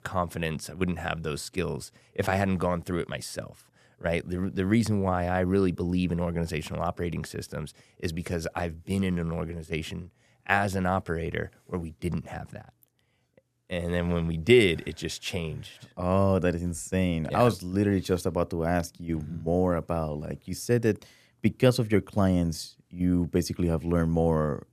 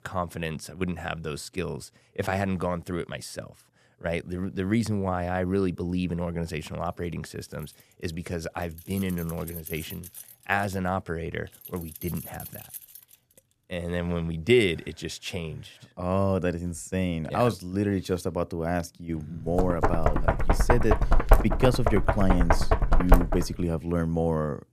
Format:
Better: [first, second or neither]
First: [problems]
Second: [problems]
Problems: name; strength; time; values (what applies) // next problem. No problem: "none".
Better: first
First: none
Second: jangling keys; noticeable; from 7.5 to 13 s; peak 10 dB below the speech // door banging; loud; from 20 to 23 s; peak 6 dB above the speech